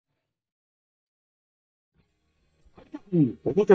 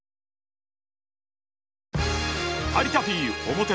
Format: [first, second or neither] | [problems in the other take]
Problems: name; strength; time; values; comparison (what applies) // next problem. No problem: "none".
second | noise reduction (neural mask model DeepFilterNet 3)